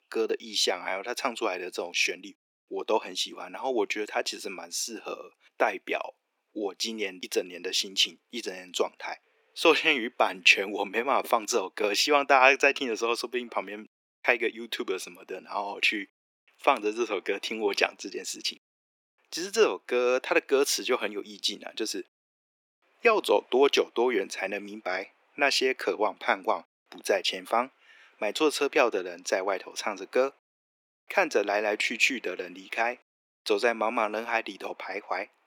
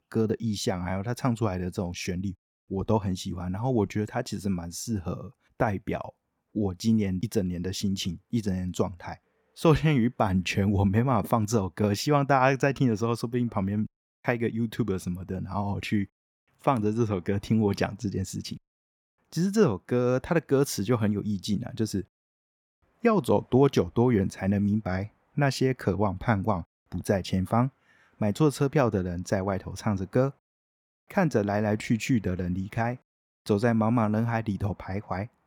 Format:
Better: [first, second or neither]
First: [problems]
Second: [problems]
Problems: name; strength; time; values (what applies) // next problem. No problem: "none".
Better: second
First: thin; very; fading below 350 Hz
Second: none